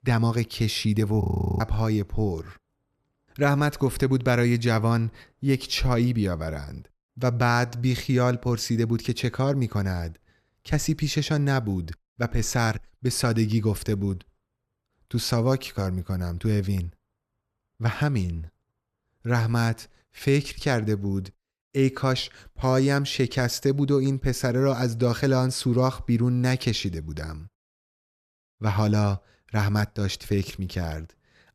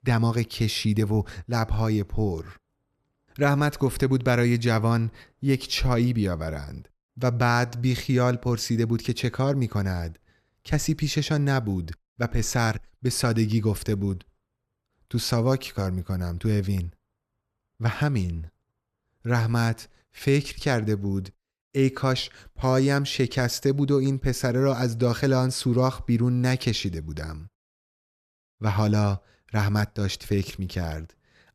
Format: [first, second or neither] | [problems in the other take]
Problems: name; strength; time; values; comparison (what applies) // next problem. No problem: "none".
second | audio freezing; at 1 s